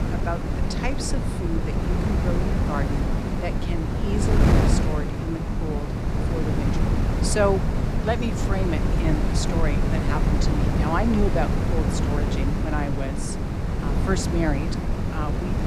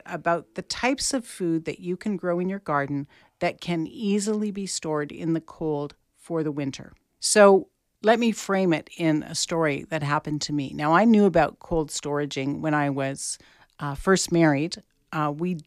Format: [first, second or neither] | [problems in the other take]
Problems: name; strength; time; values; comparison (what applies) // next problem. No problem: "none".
second | wind noise on the microphone; heavy; 1 dB below the speech